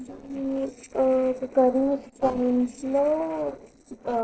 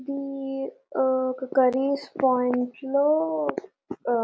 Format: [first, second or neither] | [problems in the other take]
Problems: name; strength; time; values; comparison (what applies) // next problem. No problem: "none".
second | noise reduction (neural separator model SepFormer DNS4)